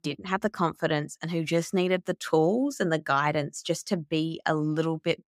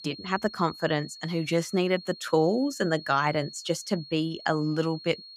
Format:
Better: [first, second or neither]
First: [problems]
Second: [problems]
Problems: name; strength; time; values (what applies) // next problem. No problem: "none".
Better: first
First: none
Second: high-pitched whine; noticeable; throughout; 4.5 kHz, 15 dB below the speech